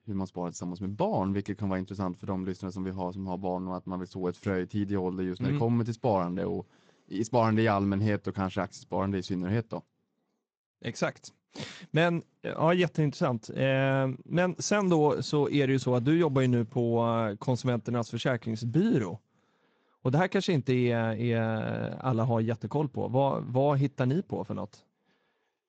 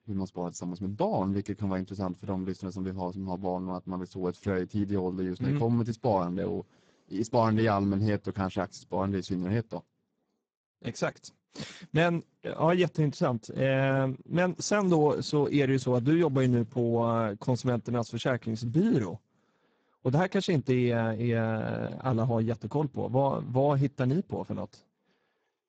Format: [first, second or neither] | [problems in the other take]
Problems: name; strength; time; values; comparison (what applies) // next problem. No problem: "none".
first | garbled, watery; badly; nothing above 7.5 kHz; slightly in the first